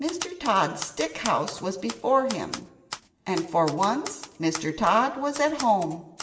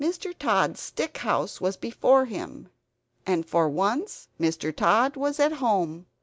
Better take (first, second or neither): second